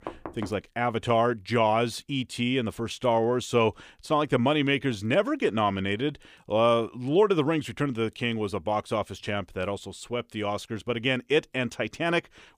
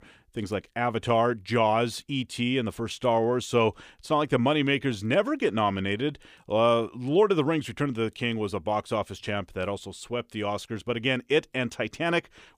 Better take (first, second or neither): second